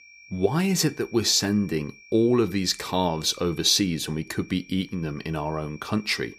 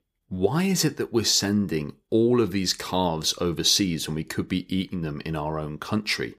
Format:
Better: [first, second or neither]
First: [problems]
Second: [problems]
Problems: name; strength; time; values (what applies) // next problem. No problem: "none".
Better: second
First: high-pitched whine; faint; throughout; 2.5 kHz, 25 dB below the speech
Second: none